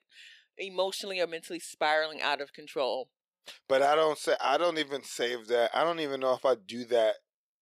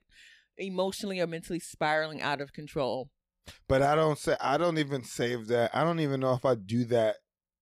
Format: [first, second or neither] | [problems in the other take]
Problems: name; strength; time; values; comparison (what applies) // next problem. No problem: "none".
second | thin; somewhat; fading below 450 Hz